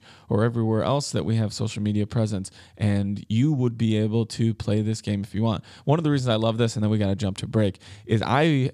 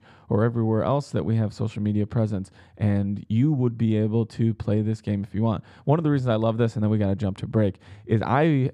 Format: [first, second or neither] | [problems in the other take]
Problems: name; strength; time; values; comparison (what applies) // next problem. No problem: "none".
first | muffled; slightly; fading above 2.5 kHz